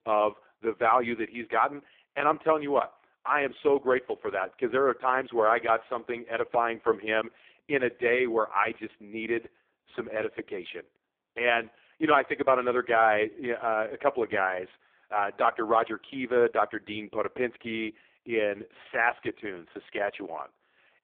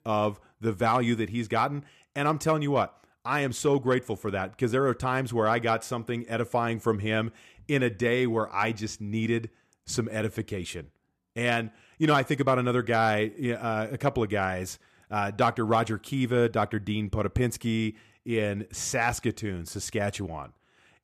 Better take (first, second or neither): second